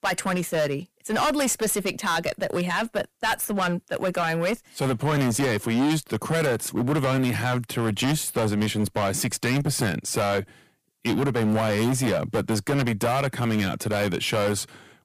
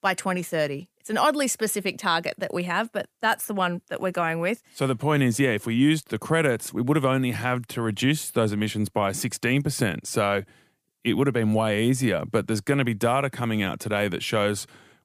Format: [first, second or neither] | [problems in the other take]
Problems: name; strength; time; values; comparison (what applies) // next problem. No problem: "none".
second | distortion; heavy; 17% of the sound clipped